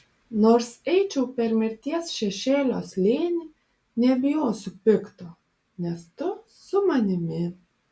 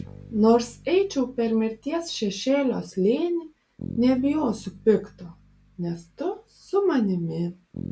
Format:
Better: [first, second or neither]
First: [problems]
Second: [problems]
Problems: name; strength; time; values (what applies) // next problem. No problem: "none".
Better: first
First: none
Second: background sound (Bass guitar); 19 dB below the speech